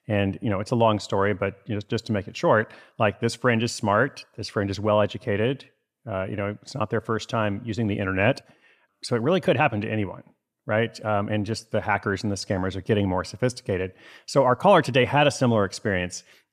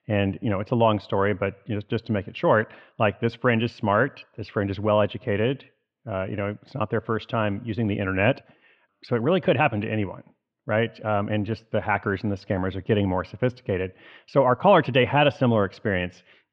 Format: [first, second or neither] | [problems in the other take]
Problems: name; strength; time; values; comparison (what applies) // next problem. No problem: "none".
first | muffled; slightly; fading above 3 kHz